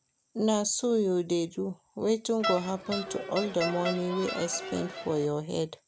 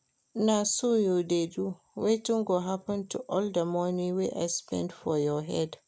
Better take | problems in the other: second | background sound (Crowd); 6 dB below the speech

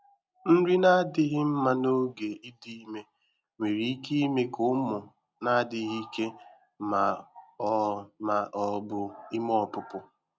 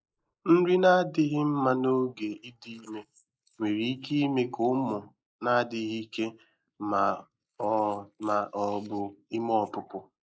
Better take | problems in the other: first | noise reduction (neural mask model Resemble Enhance denoiser)

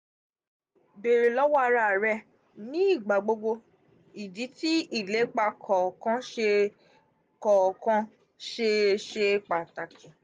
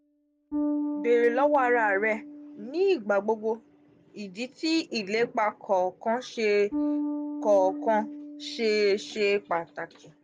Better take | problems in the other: first | background sound (Bass guitar); 9 dB below the speech

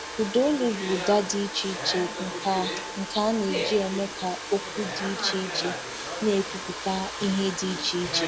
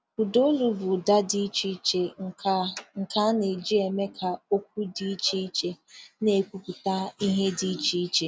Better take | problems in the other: second | background sound (Domestic sounds, home sounds); 6 dB below the speech

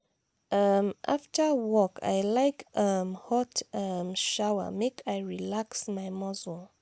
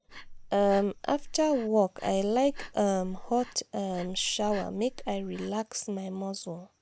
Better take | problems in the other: first | background sound (Breathing); 14 dB below the speech

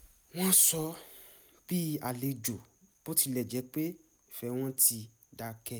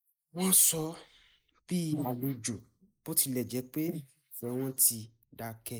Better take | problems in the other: first | noise reduction (neural mask model Resemble Enhance denoiser)

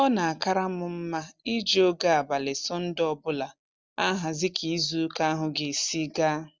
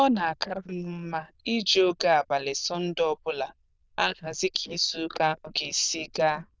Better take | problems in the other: first | noise reduction (neural diffusion model UNIVERSE++)

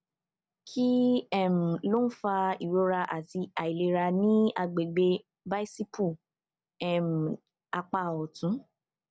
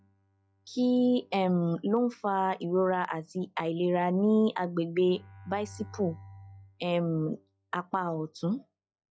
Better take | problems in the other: first | noise reduction (classical method log-MMSE)

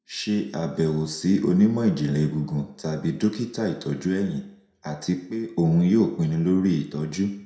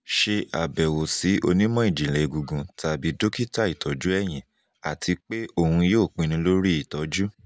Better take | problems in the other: second | room echo; dies away in 0.6 s

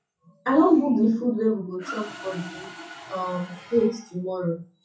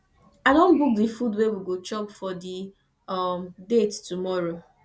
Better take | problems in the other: second | noise reduction (classical method WPE with log-MMSE)

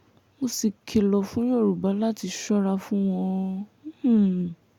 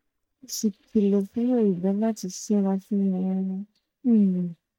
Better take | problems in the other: first | noise reduction (neural mask model DeepFilterNet 3)

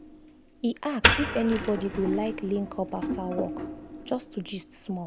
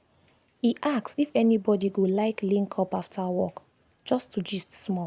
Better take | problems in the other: second | background sound (Wood); 1 dB below the speech

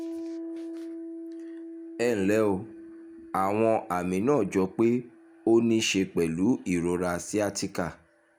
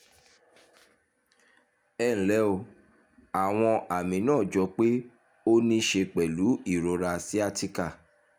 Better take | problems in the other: second | background sound (Piano); 15 dB below the speech

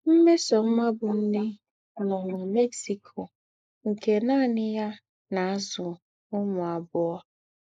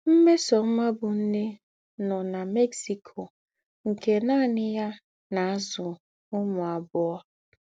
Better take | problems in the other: second | noise reduction (neural mask model Resemble Enhance denoiser)

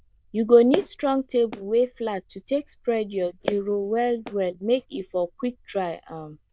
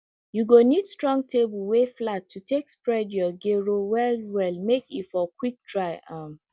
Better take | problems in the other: second | noise reduction (neural diffusion model UNIVERSE++)

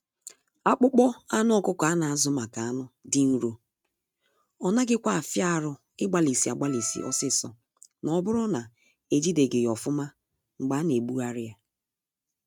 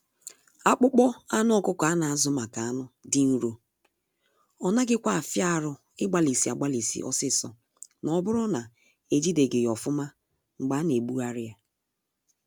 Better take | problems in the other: second | noise reduction (neural mask model RNNoise)

